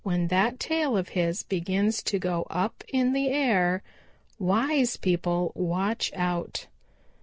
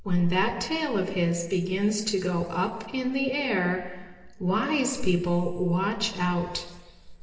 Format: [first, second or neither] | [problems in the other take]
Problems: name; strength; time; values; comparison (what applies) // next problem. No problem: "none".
first | room echo; dies away in 1.4 s